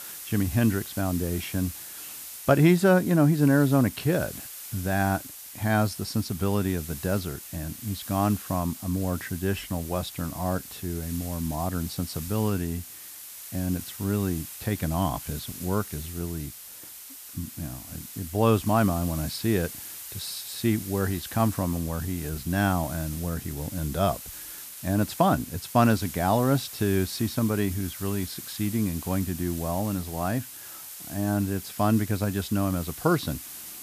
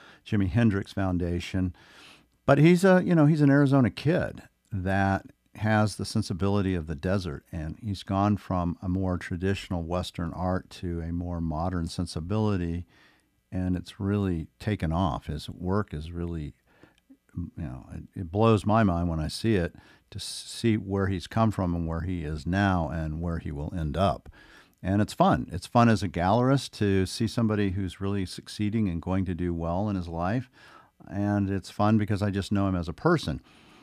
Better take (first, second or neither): second